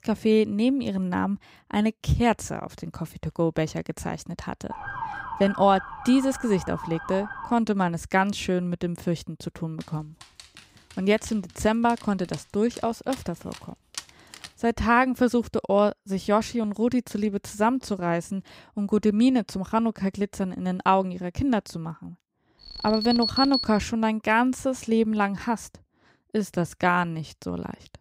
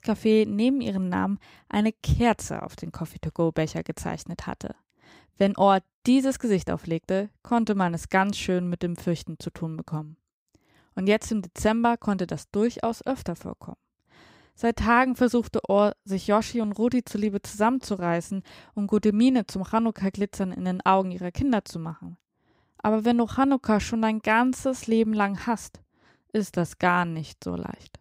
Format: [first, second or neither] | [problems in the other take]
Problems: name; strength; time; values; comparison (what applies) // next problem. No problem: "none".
second | siren; noticeable; from 4.5 to 7.5 s; peak 7 dB below the speech // dog barking; faint; from 10 to 14 s; peak 10 dB below the speech // alarm; loud; from 23 to 24 s; peak 1 dB above the speech